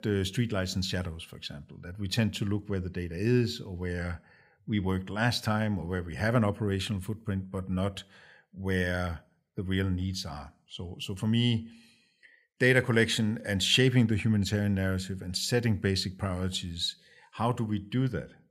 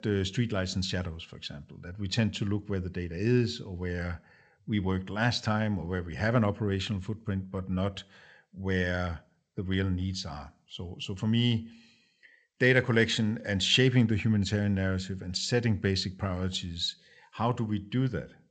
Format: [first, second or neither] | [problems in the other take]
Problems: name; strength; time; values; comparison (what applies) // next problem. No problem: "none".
first | garbled, watery; slightly; nothing above 8 kHz